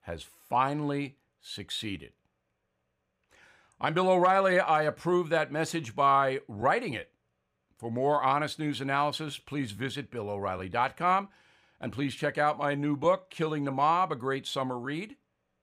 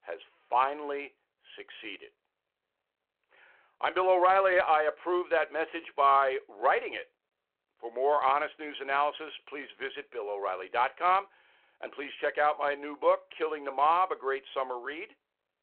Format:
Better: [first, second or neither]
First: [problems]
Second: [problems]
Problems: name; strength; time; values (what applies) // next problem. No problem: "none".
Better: first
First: none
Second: phone-call audio